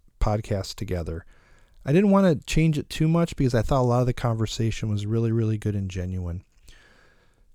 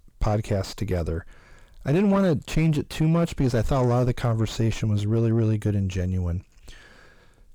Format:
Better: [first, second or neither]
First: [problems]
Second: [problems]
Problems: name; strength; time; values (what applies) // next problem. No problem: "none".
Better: first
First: none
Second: distortion; slight; 10 dB below the speech